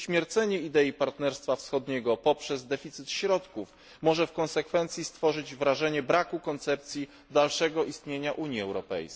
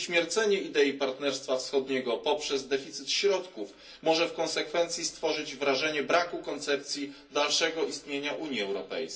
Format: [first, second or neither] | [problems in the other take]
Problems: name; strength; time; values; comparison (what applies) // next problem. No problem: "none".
first | room echo; dies away in 0.3 s